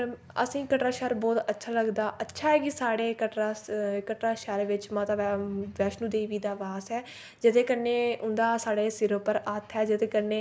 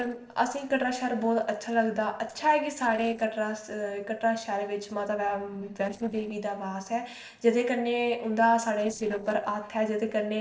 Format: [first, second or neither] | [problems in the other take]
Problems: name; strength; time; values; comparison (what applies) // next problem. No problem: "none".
first | noise reduction (neural separator model SepFormer DNS4)